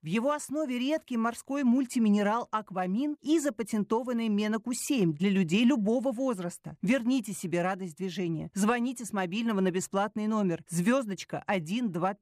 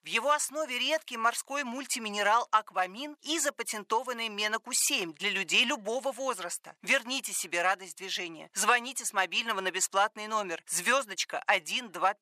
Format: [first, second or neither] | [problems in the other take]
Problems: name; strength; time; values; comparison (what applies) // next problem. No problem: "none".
first | thin; very; fading below 900 Hz